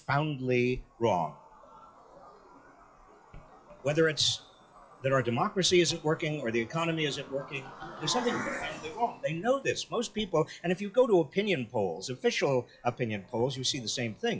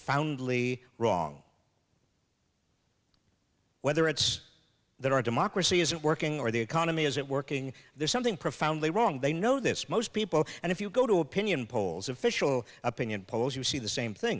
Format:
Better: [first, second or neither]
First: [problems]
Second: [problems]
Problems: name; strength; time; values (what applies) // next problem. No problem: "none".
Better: second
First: noise reduction (classical method WPE with log-MMSE)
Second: none